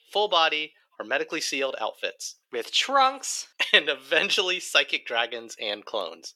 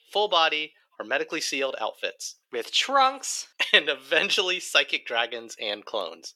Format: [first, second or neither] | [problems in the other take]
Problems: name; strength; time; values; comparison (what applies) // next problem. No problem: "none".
neither | thin; very; fading below 400 Hz; the same in both